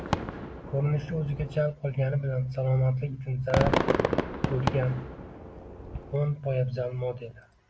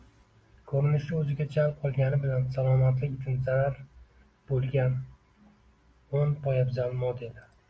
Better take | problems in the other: second | background sound (Fireworks); 3 dB below the speech

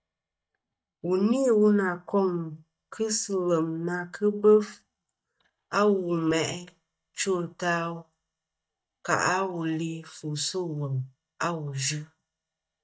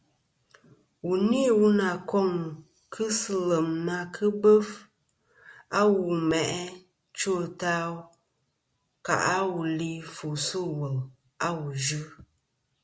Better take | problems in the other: second | noise reduction (neural mask model DeepFilterNet 3)

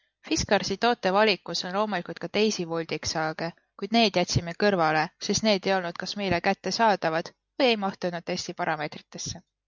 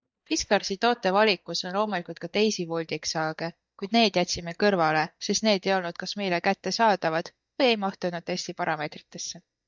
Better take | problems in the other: first | noise reduction (neural mask model DeepFilterNet 3)

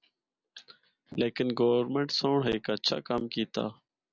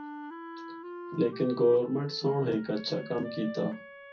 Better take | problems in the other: first | background sound (Wind instrument, woodwind instrument); 13 dB below the speech // room echo; dies away in 0.3 s

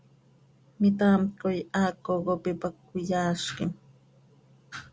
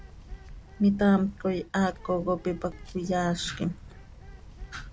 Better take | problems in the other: first | background sound (Bird); 16 dB below the speech

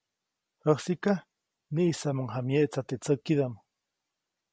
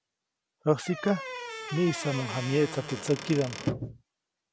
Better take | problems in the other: first | background sound (Squeak / Wood); 7 dB below the speech

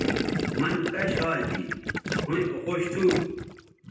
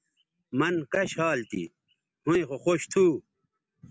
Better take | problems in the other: second | background sound (Gurgling); 2 dB below the speech // room echo; dies away in 0.9 s

